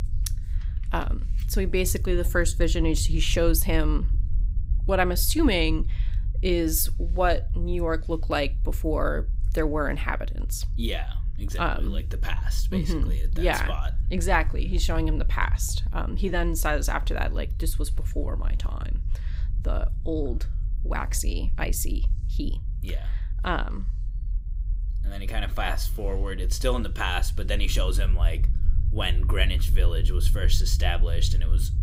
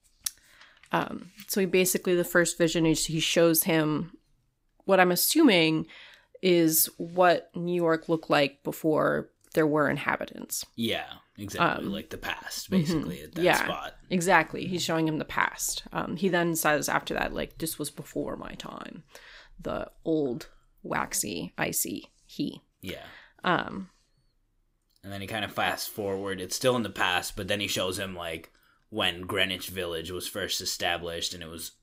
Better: second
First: low rumble; faint; throughout; 20 dB below the speech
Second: none

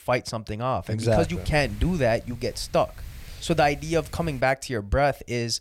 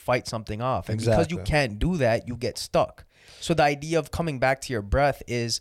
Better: second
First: wind noise on the microphone; occasional gusts; from 1 to 4.5 s; 25 dB below the speech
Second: none

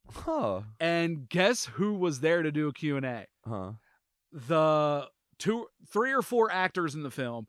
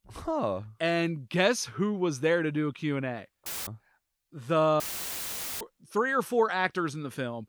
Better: first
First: none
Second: audio cutting out; filled with static; at 3.5 s and at 5 s for 1 s

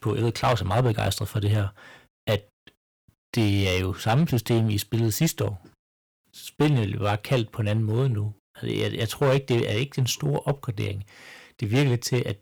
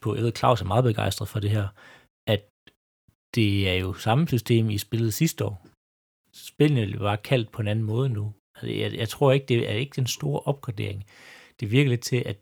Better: second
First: distortion; slight; 5% of the sound clipped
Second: none

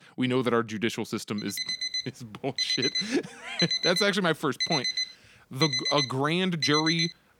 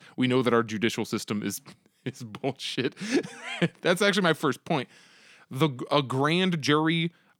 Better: second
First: alarm; loud; from 1.5 s on; peak 3 dB above the speech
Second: none

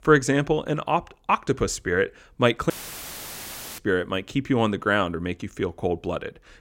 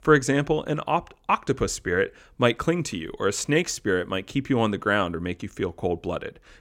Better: second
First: audio cutting out; filled with static; at 2.5 s for 1 s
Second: none

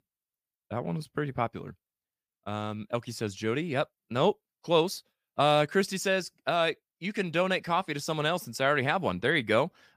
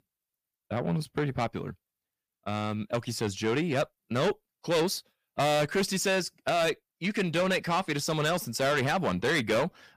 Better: first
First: none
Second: distortion; heavy; 6 dB below the speech

